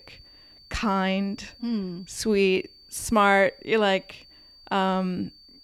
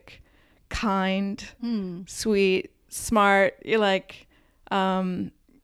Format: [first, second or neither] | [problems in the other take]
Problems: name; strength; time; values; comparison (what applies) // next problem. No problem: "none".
second | high-pitched whine; faint; throughout; 4.5 kHz, 25 dB below the speech